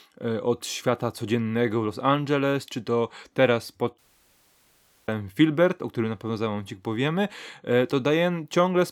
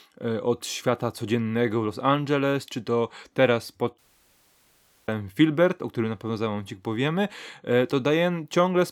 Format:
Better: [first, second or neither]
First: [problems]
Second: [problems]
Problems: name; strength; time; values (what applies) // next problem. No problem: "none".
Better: neither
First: audio cutting out; at 4 s for 1 s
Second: audio cutting out; at 4 s for 1 s